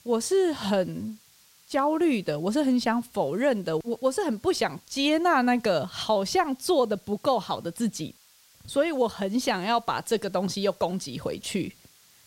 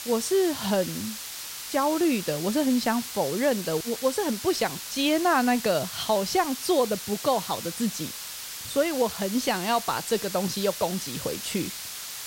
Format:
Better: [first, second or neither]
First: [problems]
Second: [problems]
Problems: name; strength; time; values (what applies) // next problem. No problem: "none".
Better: first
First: hiss; faint; throughout; 30 dB below the speech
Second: hiss; loud; throughout; 8 dB below the speech